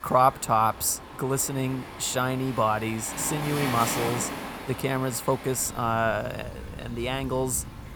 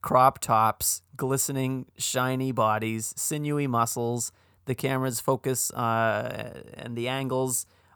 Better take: second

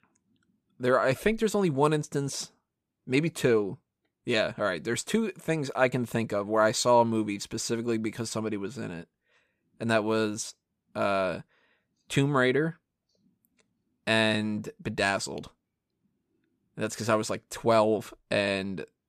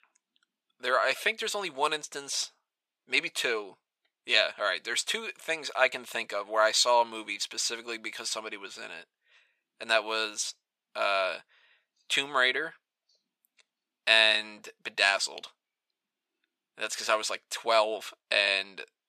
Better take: first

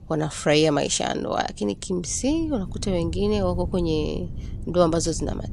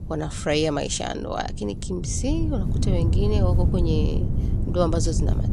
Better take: first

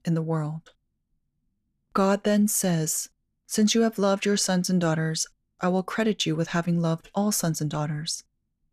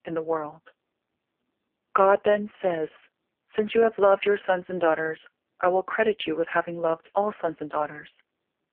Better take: first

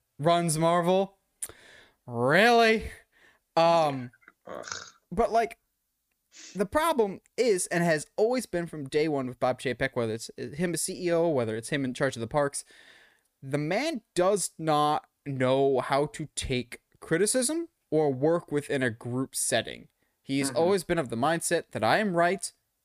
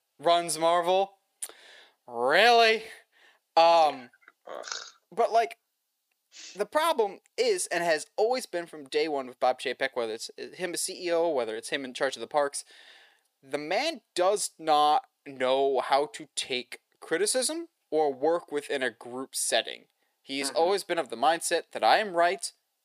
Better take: first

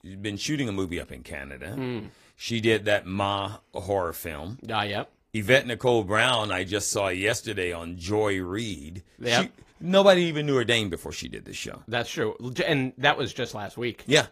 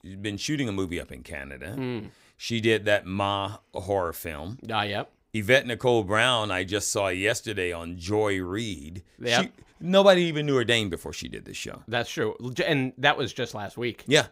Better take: second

